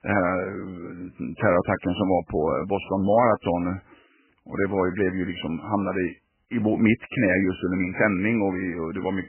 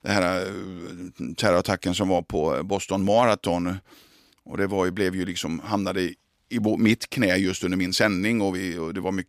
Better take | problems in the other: second | garbled, watery; badly; nothing above 3 kHz

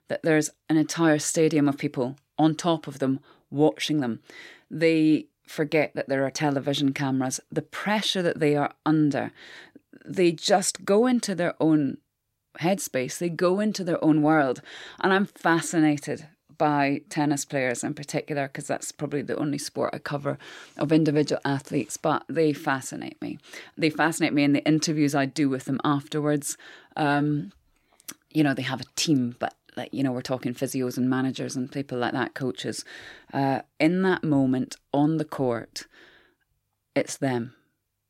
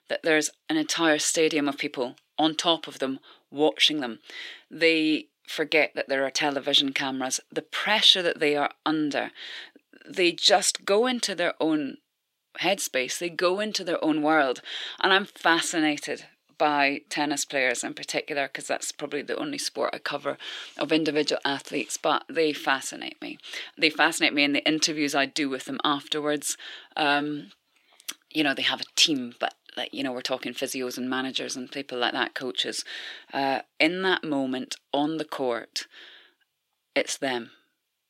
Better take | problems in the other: first | thin; very slightly; fading below 350 Hz

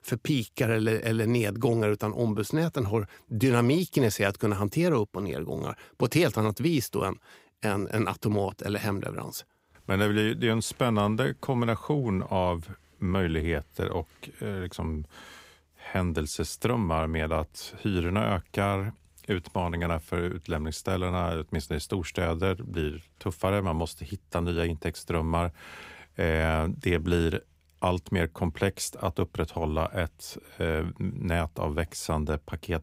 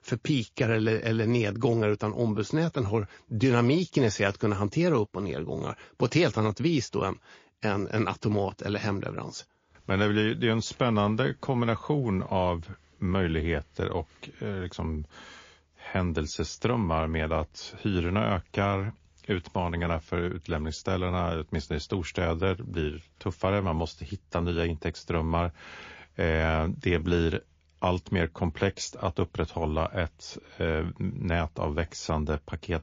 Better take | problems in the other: first | garbled, watery; slightly

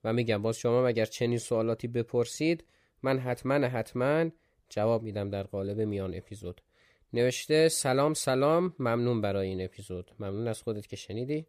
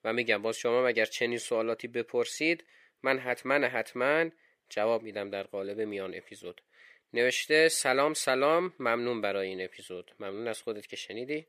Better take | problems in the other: first | thin; somewhat; fading below 300 Hz

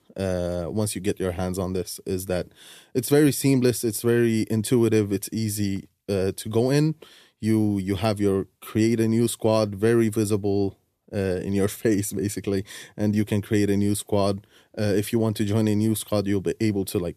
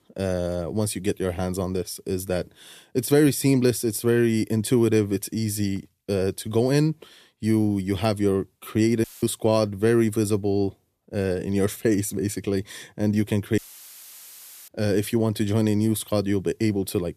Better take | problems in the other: first | audio cutting out; filled with static; at 9 s and at 14 s for 1 s

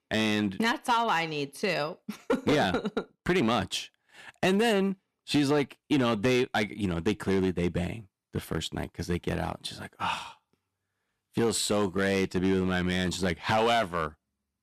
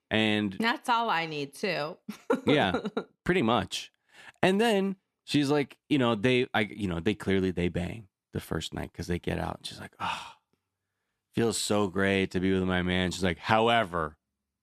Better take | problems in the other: second | distortion; slight; 4% of the sound clipped

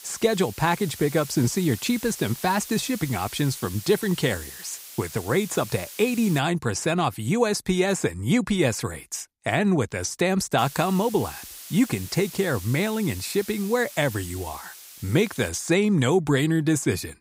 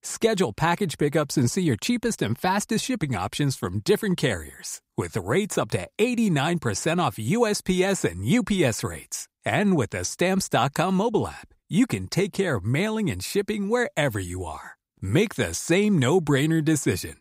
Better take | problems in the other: second | hiss; noticeable; until 6.5 s and from 11 to 15 s; 15 dB below the speech

